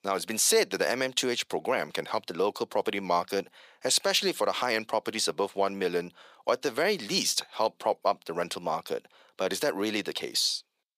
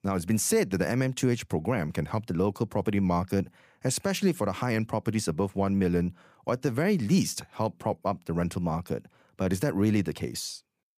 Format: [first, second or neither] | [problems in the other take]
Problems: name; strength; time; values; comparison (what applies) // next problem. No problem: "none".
second | thin; very; fading below 550 Hz